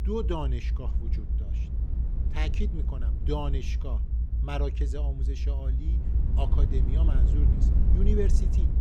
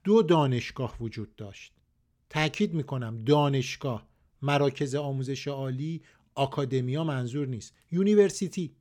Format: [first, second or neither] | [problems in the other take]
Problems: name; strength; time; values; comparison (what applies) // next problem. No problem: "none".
second | low rumble; loud; throughout; 6 dB below the speech